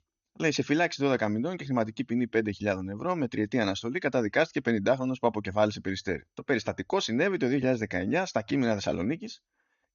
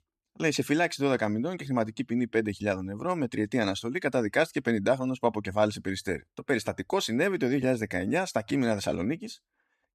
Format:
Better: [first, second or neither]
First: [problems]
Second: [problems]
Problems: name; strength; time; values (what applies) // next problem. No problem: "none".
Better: second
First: garbled, watery; slightly; nothing above 6.5 kHz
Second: none